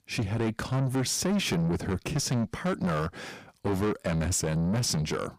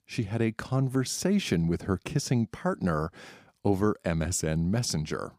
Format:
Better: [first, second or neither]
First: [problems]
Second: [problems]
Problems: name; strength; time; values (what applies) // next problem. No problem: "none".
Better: second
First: distortion; heavy; 7 dB below the speech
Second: none